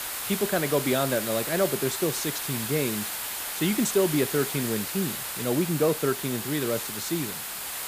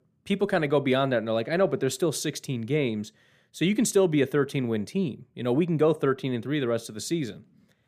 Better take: second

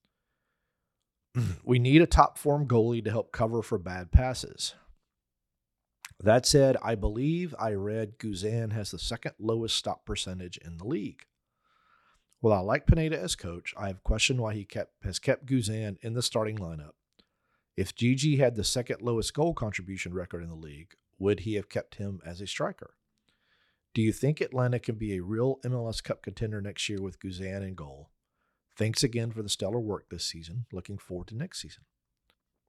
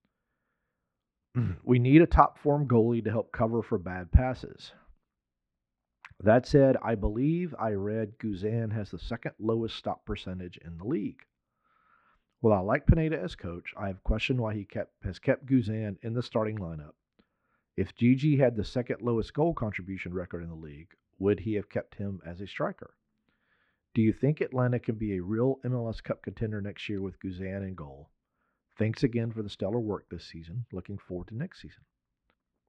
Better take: first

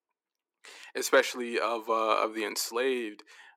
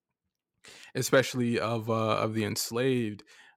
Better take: second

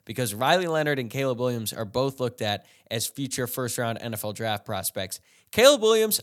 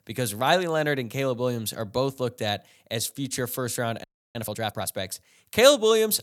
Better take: first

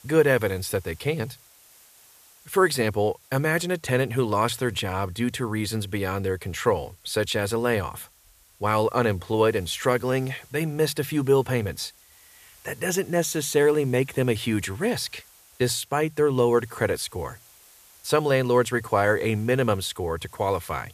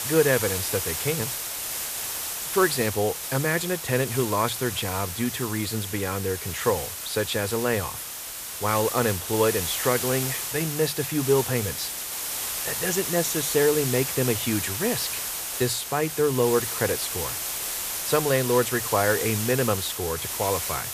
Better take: first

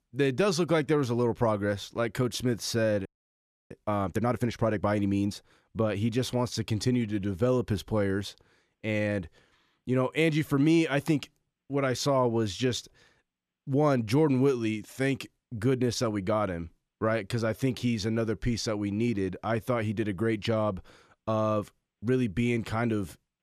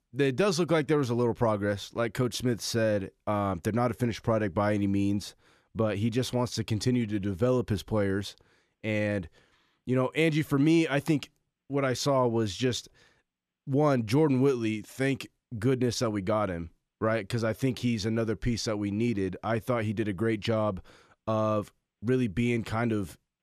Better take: second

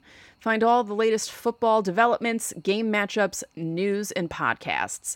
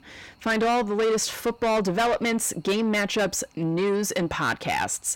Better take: first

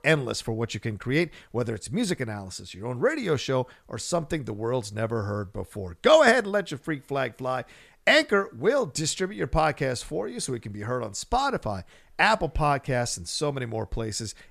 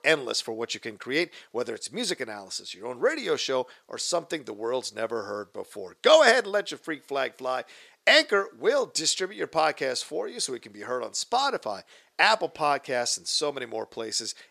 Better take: first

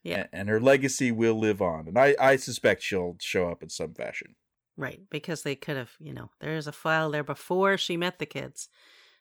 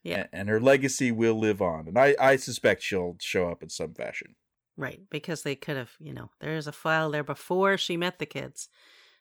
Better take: neither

